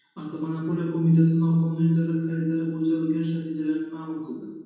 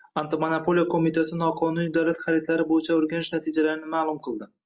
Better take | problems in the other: second | room echo; dies away in 1.2 s

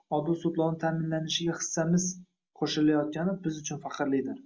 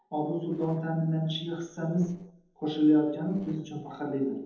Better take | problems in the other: first | noise reduction (neural separator model SepFormer DNS4)

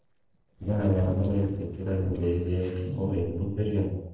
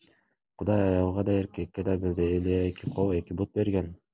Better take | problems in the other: second | noise reduction (neural separator model SepFormer DNS4)

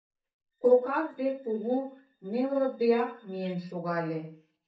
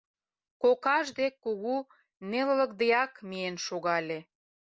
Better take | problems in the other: second | noise reduction (neural mask model DeepFilterNet 3)

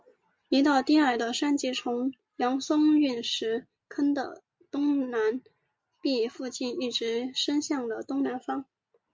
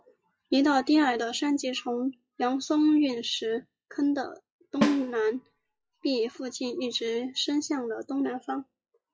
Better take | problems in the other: first | noise reduction (classical method log-MMSE)

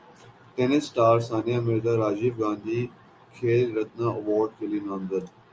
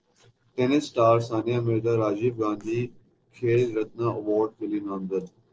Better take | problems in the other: first | noise reduction (neural separator model SepFormer DNS4)

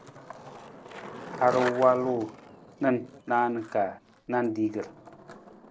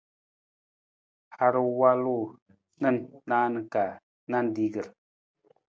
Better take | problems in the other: second | background sound (Skateboard); 12 dB below the speech

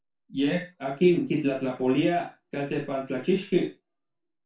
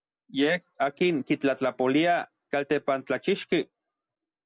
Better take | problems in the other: second | room echo; dies away in 0.2 s

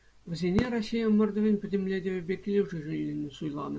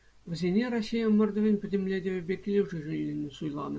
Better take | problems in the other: second | background sound (Fireworks); 14 dB below the speech

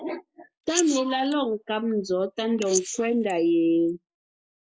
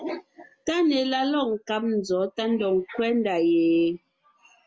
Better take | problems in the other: second | noise reduction (neural mask model Resemble Enhance denoiser)

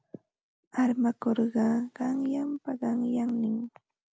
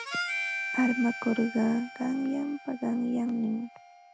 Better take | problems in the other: first | background sound (Harmonica); 8 dB below the speech

